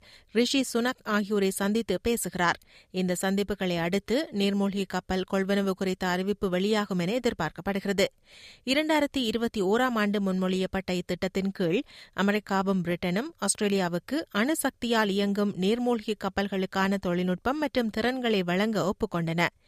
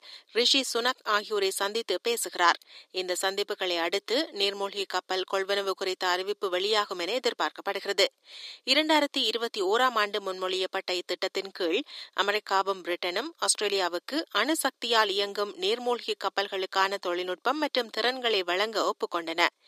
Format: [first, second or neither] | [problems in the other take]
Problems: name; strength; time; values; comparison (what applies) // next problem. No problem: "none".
first | thin; very; fading below 300 Hz